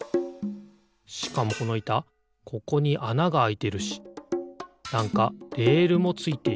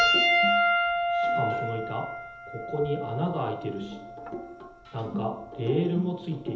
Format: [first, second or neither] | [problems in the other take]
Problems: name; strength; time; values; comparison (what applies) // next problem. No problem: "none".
first | background sound (Piano); 3 dB above the speech // room echo; dies away in 0.8 s